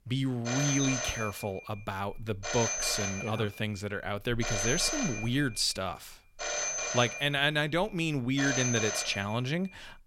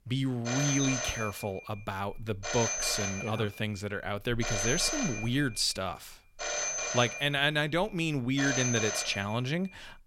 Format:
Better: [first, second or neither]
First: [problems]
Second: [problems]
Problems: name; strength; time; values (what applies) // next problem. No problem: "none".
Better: neither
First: phone ringing; loud; until 9.5 s; peak 1 dB above the speech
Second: phone ringing; loud; until 9.5 s; peak 1 dB above the speech